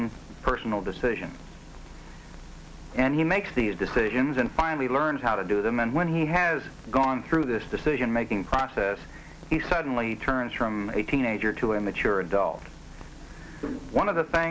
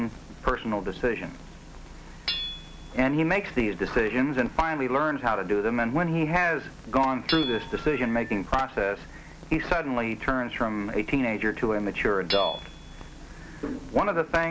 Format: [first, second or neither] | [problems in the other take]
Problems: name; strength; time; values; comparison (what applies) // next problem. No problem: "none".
first | background sound (Hammer / Chink, clink + Telephone); 15 dB below the speech